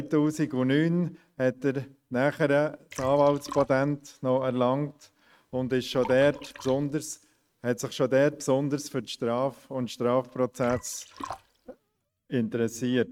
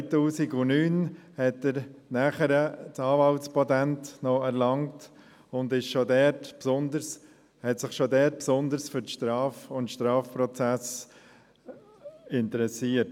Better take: second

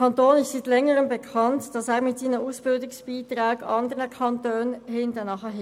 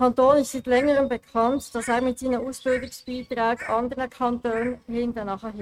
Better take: first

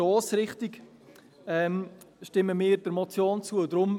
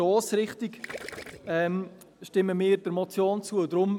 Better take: first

